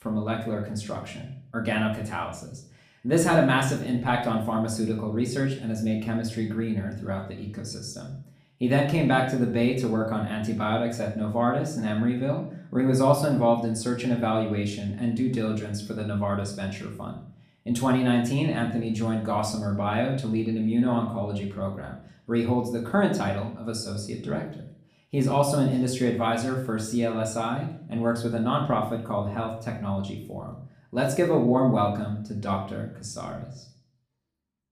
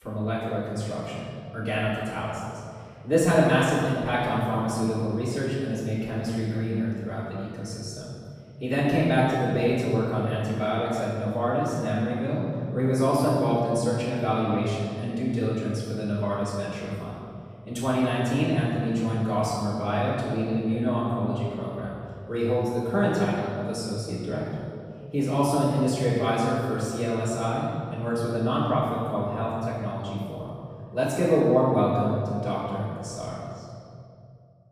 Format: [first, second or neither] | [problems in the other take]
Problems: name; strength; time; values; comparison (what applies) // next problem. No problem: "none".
first | room echo; strong; dies away in 2 s; slight in the first // off-mic speech; far; far in the first